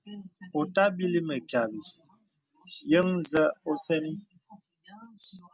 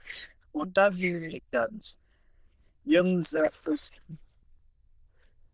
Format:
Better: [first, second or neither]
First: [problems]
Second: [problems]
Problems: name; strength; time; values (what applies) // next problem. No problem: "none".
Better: first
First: none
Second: noise reduction (neural diffusion model UNIVERSE++)